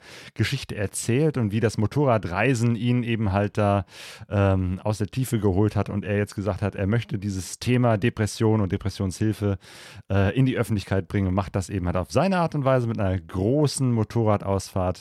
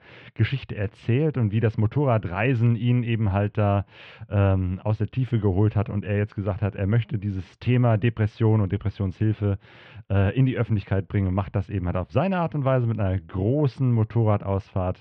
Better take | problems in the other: first | muffled; very; fading above 3 kHz

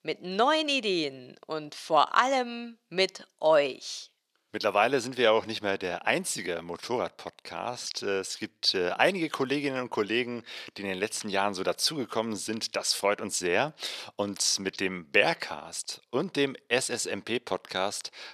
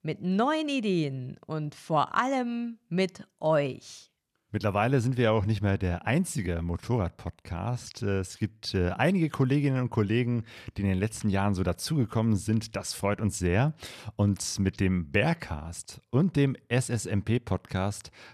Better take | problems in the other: second | thin; somewhat; fading below 450 Hz

